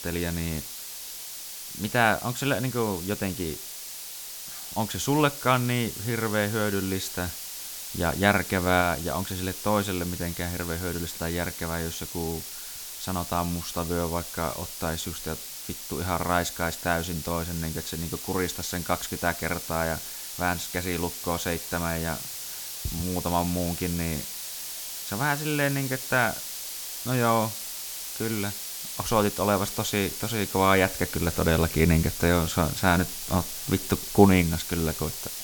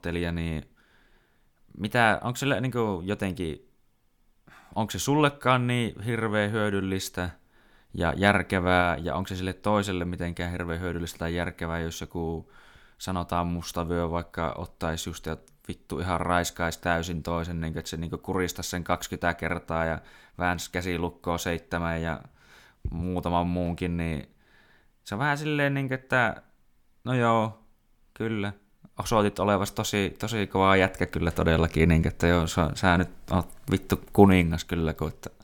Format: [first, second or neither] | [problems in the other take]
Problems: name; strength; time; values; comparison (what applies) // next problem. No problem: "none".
second | hiss; loud; throughout; 7 dB below the speech